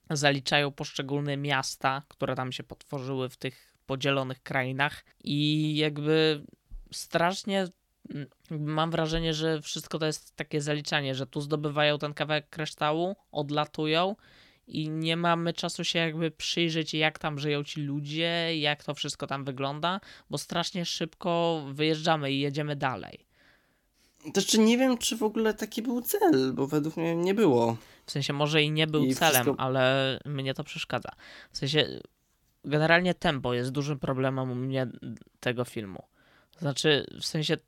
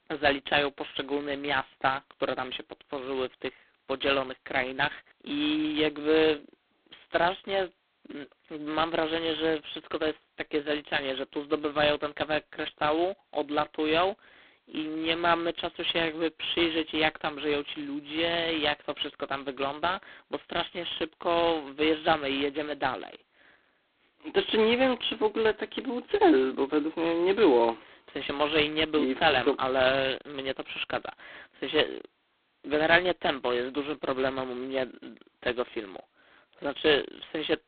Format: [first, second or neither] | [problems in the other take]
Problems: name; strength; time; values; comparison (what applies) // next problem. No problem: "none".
first | phone-call audio; poor line; nothing above 4 kHz